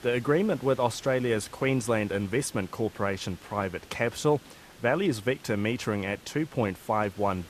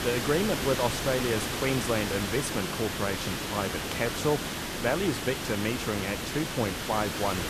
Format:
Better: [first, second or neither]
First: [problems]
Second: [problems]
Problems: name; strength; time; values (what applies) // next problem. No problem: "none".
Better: first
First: hiss; faint; throughout; 20 dB below the speech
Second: hiss; loud; throughout; 2 dB below the speech